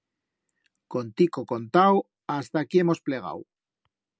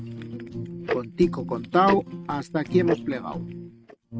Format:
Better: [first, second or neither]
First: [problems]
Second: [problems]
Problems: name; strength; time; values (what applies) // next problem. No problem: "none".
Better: first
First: none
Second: noise reduction (neural mask model RNNoise)